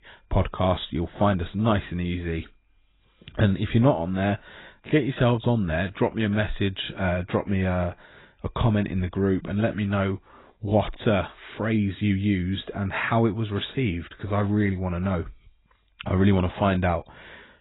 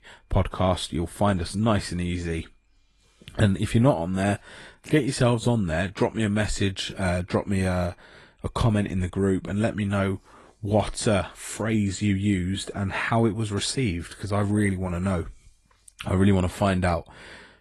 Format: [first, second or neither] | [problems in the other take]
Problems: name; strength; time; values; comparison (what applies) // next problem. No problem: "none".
second | garbled, watery; badly; nothing above 4 kHz; slightly in the second